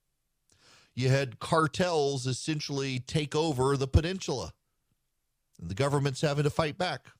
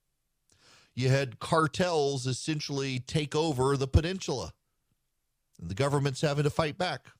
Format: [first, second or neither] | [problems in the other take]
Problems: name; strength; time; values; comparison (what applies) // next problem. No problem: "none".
neither | none